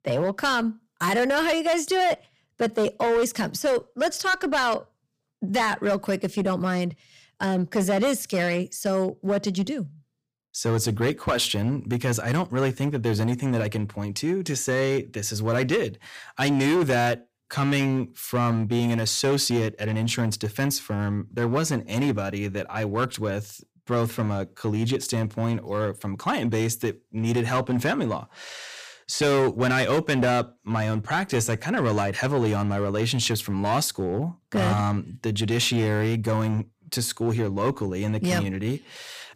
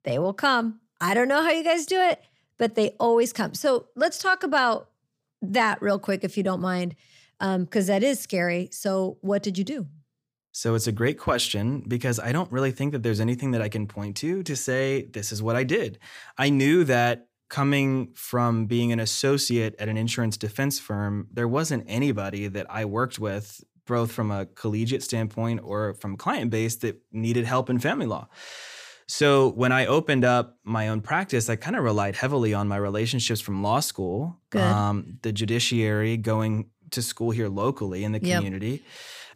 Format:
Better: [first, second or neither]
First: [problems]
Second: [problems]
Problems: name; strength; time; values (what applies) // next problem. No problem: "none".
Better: second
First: distortion; slight; 9% of the sound clipped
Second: none